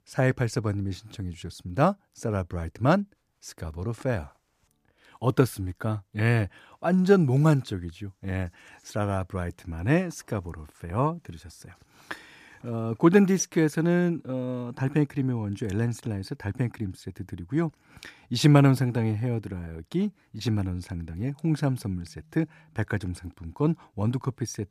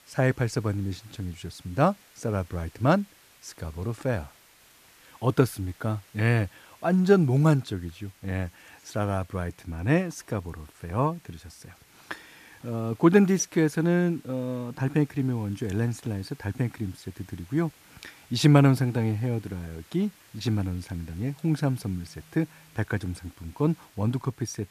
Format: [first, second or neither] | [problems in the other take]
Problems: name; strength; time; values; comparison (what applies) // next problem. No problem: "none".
first | hiss; faint; throughout; 25 dB below the speech